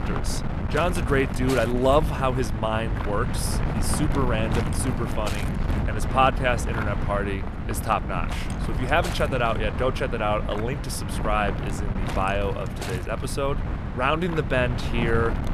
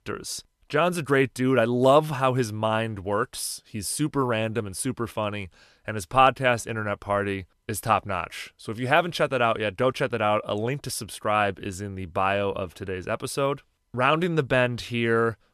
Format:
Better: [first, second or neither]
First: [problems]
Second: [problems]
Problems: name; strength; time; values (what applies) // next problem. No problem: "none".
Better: second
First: wind noise on the microphone; heavy; 9 dB below the speech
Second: none